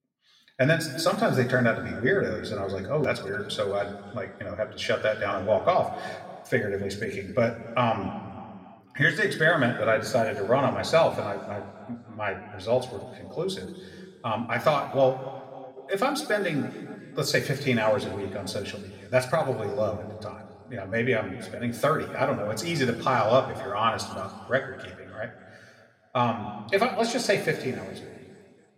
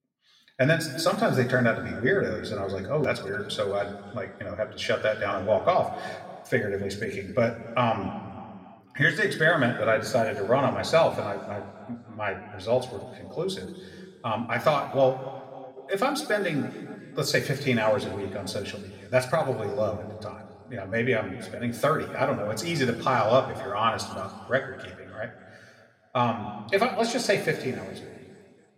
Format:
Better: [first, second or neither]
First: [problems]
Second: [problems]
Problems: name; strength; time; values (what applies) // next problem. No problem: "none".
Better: neither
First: room echo; slight; dies away in 2 s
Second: room echo; slight; dies away in 2 s